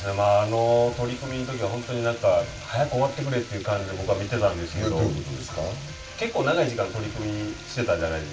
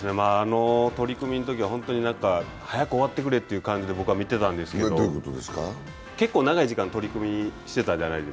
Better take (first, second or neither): second